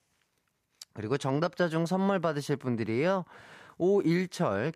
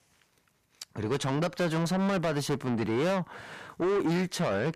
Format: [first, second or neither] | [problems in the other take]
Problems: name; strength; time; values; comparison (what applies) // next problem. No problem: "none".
first | distortion; heavy; 7 dB below the speech